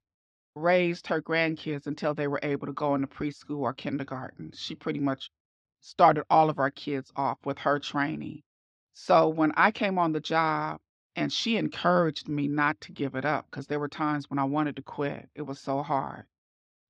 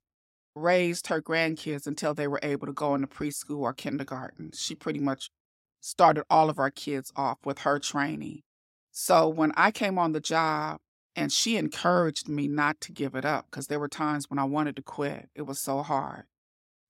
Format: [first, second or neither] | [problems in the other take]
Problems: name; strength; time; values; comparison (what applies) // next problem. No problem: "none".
second | muffled; very slightly; fading above 4.5 kHz